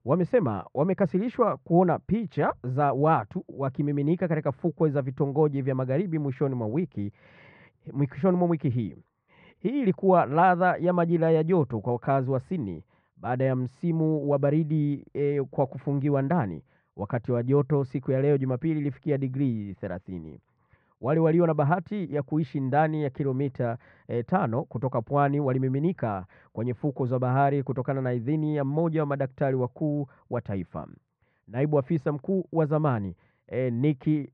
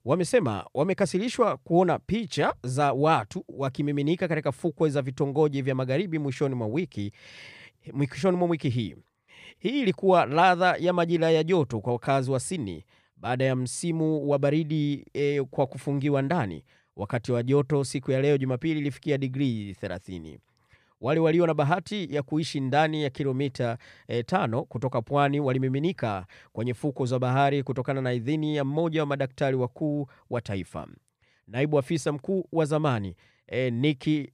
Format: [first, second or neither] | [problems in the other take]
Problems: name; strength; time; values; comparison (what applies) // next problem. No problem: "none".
second | muffled; very; fading above 1.5 kHz